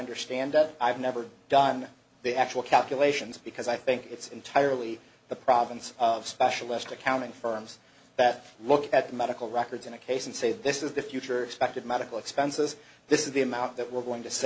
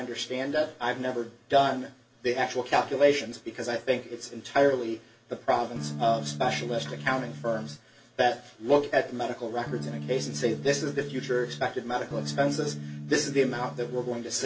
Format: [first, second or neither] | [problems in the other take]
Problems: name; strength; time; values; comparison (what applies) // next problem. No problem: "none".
first | background sound (Electric guitar / Strum); 9 dB below the speech // room echo; dies away in 0.1 s